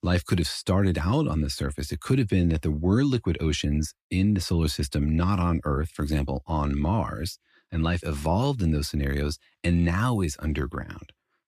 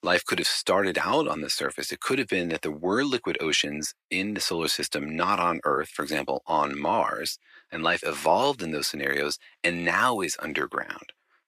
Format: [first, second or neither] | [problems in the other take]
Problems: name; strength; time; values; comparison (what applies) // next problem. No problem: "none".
first | thin; very; fading below 500 Hz